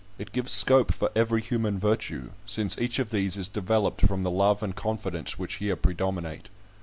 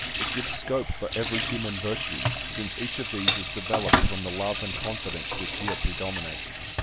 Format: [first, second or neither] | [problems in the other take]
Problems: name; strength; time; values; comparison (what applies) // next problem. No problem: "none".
first | background sound (Sink (filling or washing) / Water tap, faucet); 2 dB above the speech